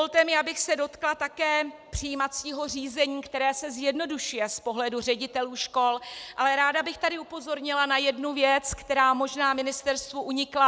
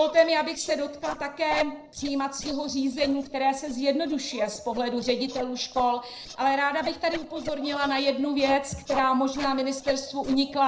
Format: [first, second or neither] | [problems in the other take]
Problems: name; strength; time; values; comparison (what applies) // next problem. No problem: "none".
first | noise reduction (neural separator model SepFormer DNS4)